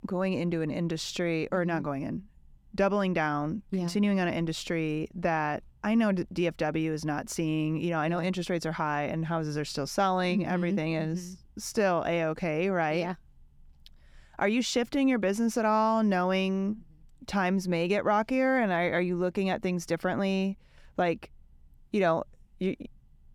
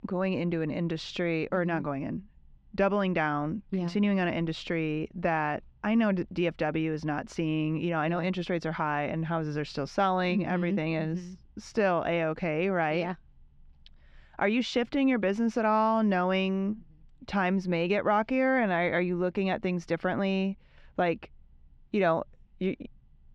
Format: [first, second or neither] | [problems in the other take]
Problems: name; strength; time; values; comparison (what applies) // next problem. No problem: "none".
first | muffled; very slightly; fading above 3 kHz